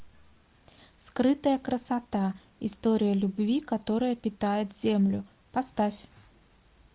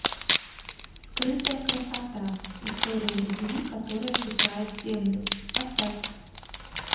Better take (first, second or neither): first